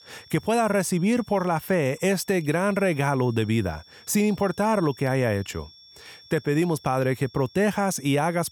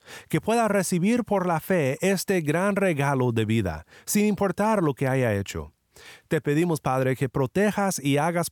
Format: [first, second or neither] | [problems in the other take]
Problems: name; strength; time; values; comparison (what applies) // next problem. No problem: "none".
second | high-pitched whine; faint; throughout; 5.5 kHz, 25 dB below the speech